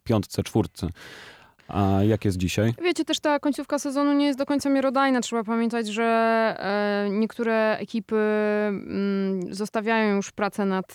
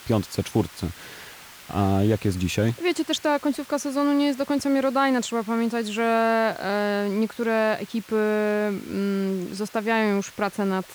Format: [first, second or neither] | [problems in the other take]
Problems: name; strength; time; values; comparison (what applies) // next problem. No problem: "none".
first | hiss; noticeable; throughout; 20 dB below the speech